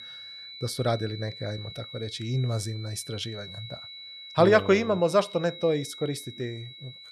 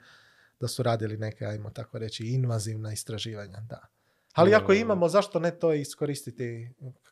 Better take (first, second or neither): second